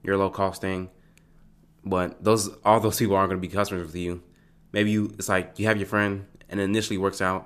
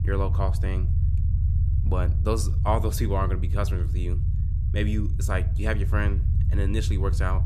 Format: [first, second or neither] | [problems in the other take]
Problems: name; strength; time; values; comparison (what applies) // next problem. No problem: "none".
first | low rumble; noticeable; throughout; 10 dB below the speech